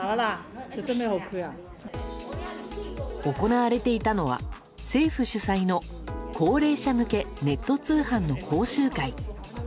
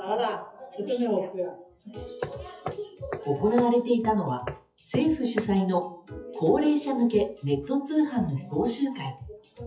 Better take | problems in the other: first | noise reduction (classical method WPE with log-MMSE)

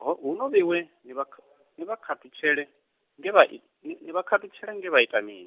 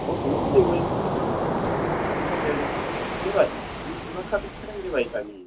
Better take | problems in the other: first | background sound (Waves, surf); 1 dB above the speech // room echo; dies away in 0.4 s

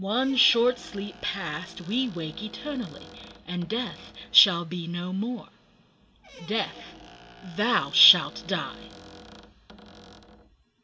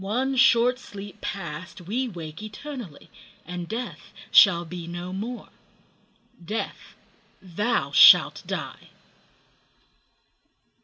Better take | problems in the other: second | background sound (Squeak); 20 dB below the speech

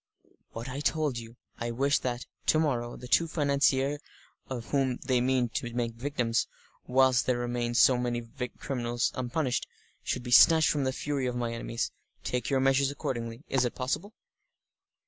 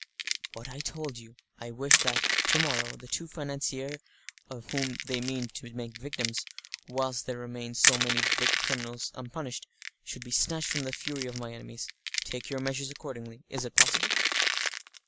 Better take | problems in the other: first | background sound (Crushing); 3 dB above the speech

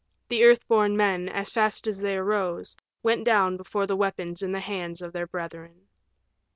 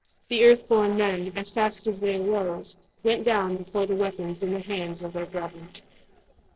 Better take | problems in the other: first | noise reduction (neural separator model SepFormer DNS4)

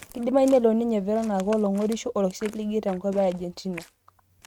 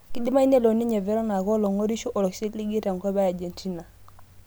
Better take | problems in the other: second | noise reduction (neural mask model RNNoise)

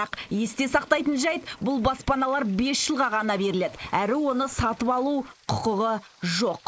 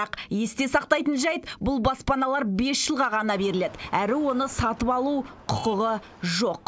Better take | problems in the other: second | noise reduction (neural mask model Resemble Enhance denoiser)

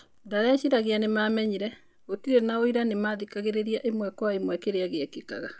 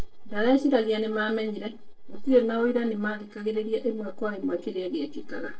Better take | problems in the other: first | noise reduction (neural separator model SepFormer DNS4)

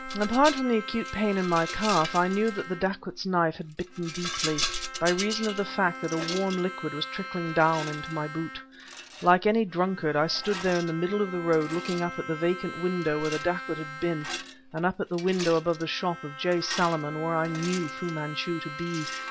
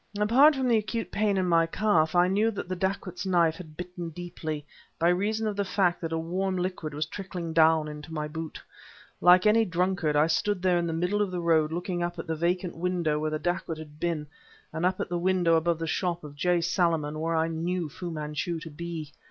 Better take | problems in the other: second | background sound (Bowed string instrument + Rattle); 9 dB below the speech

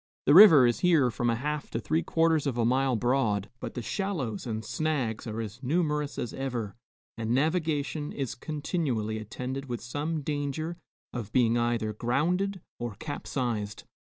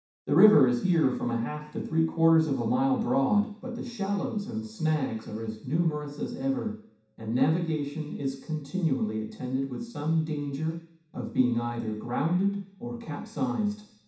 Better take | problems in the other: first | room echo; dies away in 0.7 s

